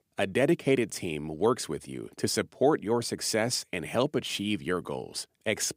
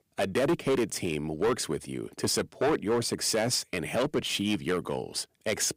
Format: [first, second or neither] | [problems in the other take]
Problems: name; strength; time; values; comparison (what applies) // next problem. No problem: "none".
first | distortion; heavy; 7% of the sound clipped